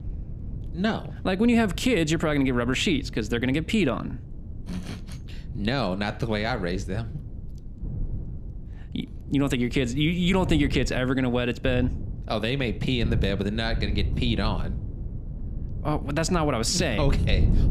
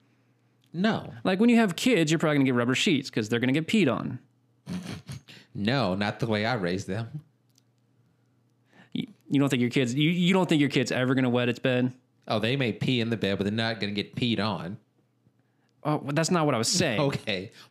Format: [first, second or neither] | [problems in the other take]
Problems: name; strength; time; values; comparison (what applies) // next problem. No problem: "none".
second | wind noise on the microphone; occasional gusts; 20 dB below the speech